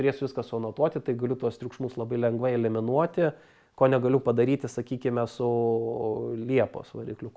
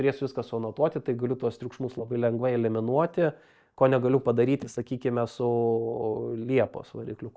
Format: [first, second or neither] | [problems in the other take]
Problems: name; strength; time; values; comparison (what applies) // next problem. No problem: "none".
first | noise reduction (neural mask model DeepFilterNet 3)